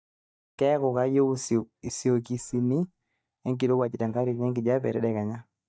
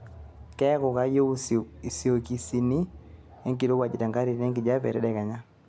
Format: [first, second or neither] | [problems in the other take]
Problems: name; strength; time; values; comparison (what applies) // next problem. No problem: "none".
second | noise reduction (neural mask model DeepFilterNet 3)